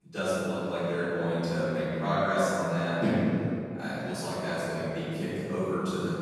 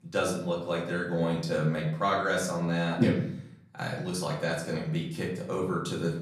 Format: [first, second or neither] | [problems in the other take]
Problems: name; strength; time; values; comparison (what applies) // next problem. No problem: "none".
second | room echo; strong; dies away in 2.4 s; slight in the second // off-mic speech; far; far in the second